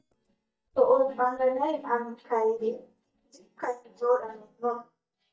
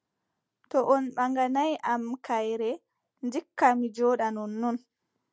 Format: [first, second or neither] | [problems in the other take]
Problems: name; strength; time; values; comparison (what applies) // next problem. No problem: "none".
second | noise reduction (neural mask model DeepFilterNet 3)